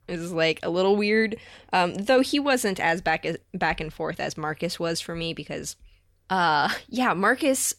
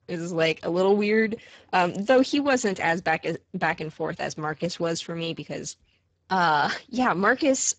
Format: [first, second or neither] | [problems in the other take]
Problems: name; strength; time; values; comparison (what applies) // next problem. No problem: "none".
first | garbled, watery; badly; nothing above 7.5 kHz